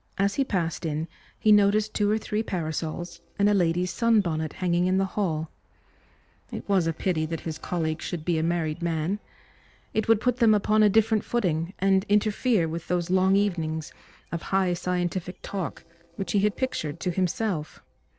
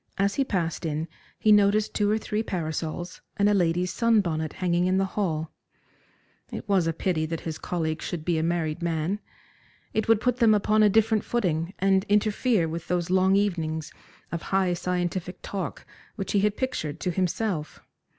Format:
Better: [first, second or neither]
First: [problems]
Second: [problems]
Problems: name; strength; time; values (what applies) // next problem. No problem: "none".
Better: second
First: noise reduction (neural separator model SepFormer DNS4)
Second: none